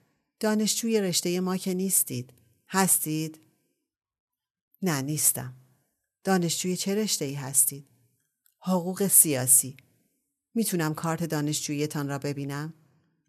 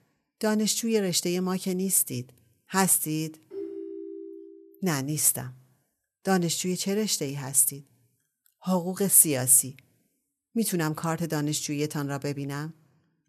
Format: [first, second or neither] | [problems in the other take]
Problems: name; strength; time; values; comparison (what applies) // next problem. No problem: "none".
first | phone ringing; faint; from 3.5 to 4.5 s; peak 10 dB below the speech